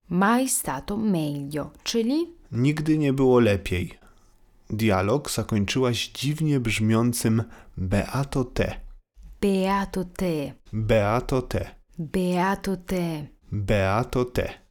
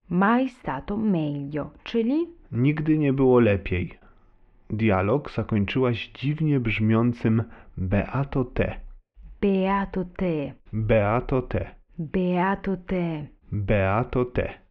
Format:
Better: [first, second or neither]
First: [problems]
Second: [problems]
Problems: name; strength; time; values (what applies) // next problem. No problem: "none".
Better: first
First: none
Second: muffled; very; fading above 2.5 kHz